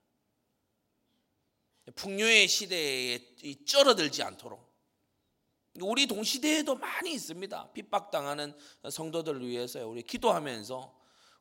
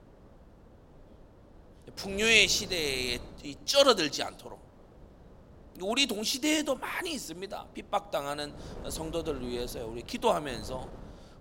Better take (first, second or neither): first